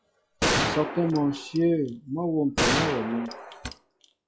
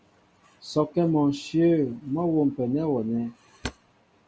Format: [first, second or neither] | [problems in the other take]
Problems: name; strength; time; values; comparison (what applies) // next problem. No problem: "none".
second | noise reduction (classical method log-MMSE)